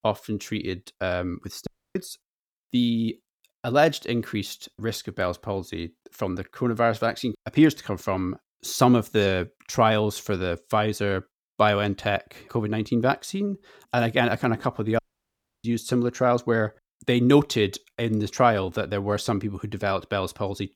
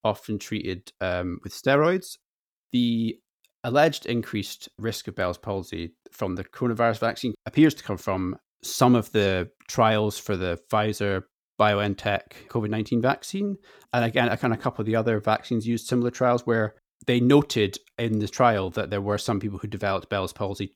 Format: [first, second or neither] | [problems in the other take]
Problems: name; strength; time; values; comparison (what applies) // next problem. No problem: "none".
second | audio cutting out; at 1.5 s and at 15 s for 0.5 s